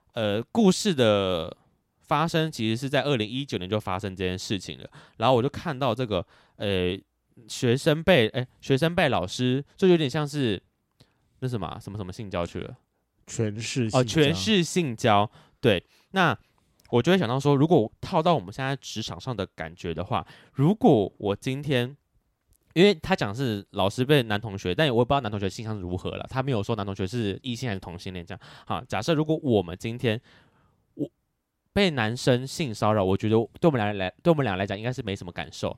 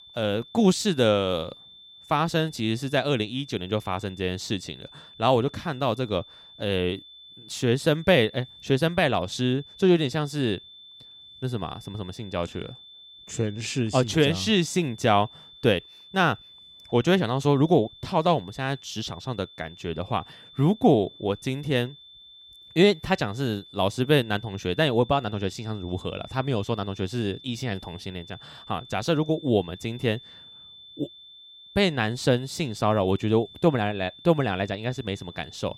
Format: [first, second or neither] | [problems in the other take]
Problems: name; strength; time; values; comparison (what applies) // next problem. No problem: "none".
first | high-pitched whine; faint; throughout; 3.5 kHz, 20 dB below the speech